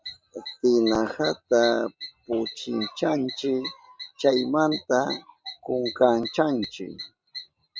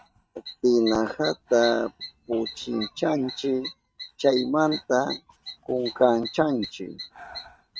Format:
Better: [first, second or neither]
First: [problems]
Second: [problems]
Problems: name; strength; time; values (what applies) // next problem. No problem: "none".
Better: first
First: none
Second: noise reduction (neural mask model RNNoise)